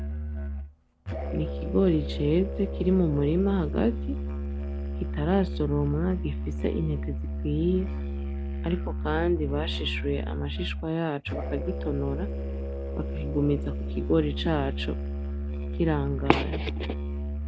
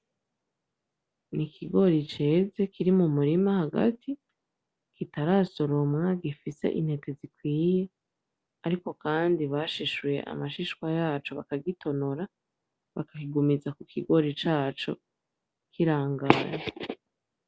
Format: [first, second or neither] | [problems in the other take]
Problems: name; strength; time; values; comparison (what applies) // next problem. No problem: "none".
second | background sound (Musical instrument); 2 dB below the speech